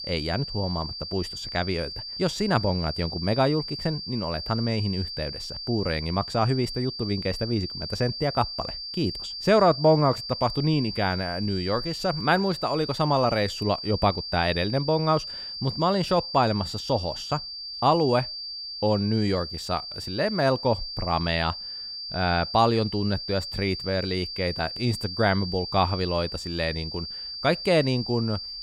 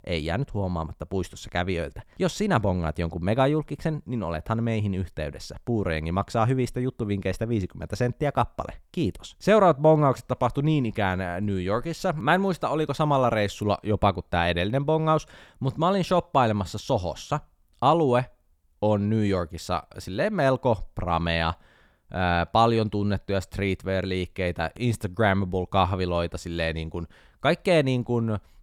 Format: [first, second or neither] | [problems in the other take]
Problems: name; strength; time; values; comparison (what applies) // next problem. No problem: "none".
second | high-pitched whine; loud; throughout; 4.5 kHz, 7 dB below the speech